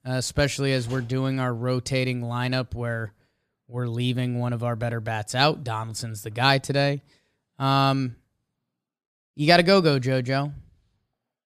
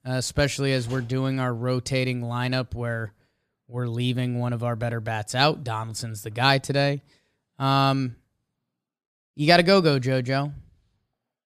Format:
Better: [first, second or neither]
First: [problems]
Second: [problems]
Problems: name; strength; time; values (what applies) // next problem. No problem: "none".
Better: neither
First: none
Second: none